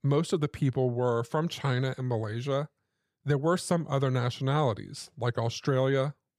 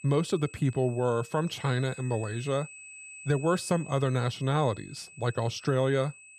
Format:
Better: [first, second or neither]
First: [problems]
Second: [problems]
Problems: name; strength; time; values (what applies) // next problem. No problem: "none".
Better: first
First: none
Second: high-pitched whine; noticeable; throughout; 2.5 kHz, 15 dB below the speech